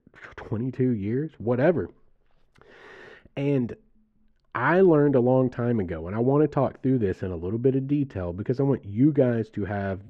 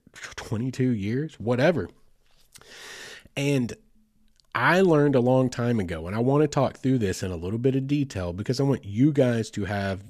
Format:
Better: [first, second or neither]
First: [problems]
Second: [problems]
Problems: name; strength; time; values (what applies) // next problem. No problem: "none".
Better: second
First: muffled; very; fading above 4 kHz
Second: none